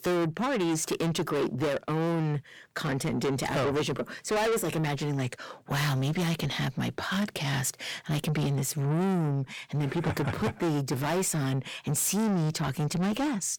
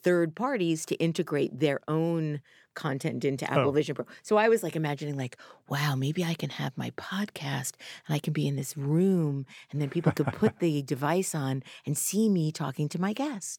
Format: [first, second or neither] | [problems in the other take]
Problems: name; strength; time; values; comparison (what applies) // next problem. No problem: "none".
second | distortion; heavy; 5 dB below the speech